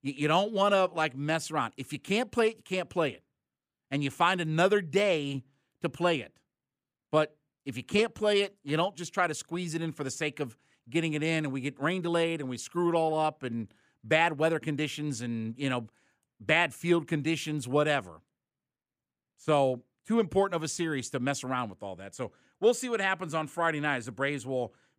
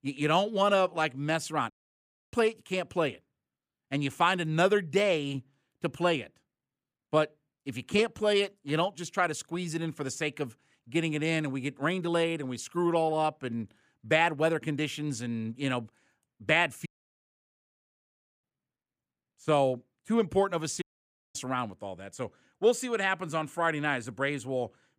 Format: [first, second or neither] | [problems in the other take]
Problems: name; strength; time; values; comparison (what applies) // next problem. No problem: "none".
first | audio cutting out; at 1.5 s for 0.5 s, at 17 s for 1.5 s and at 21 s for 0.5 s